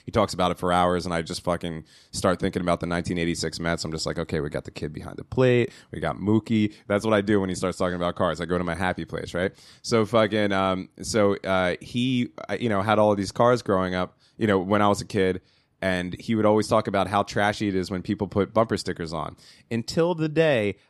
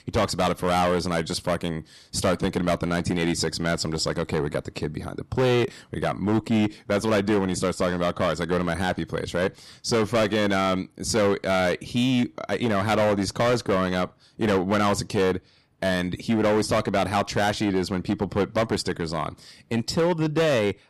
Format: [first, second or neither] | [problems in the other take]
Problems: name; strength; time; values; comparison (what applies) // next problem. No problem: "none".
first | distortion; heavy; 11% of the sound clipped